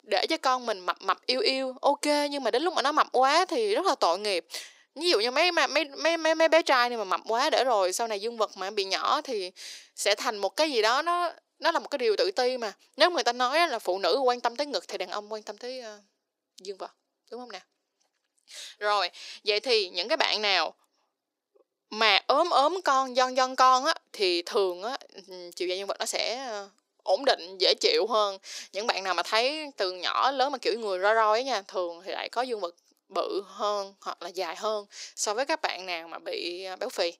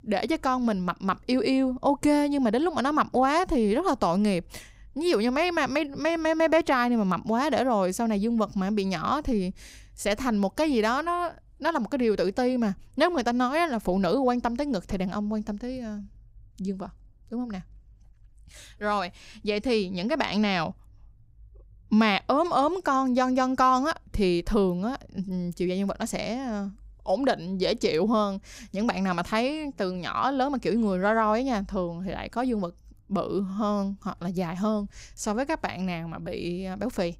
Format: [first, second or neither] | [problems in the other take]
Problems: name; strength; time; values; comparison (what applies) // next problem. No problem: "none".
second | thin; very; fading below 350 Hz